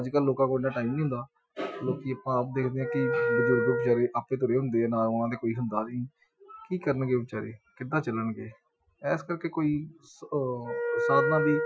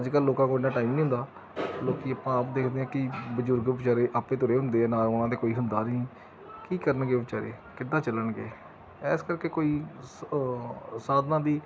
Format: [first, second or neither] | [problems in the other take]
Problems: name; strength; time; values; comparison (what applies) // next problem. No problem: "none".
second | noise reduction (classical method Wiener filter)